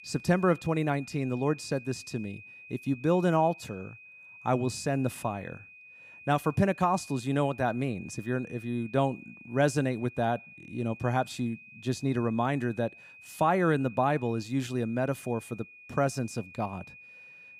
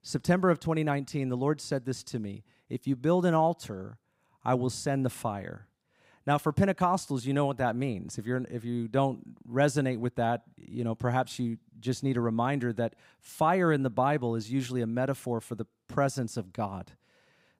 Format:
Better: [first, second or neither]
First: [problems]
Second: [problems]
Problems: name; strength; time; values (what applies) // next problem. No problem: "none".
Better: second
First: high-pitched whine; noticeable; throughout; 2.5 kHz, 20 dB below the speech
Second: none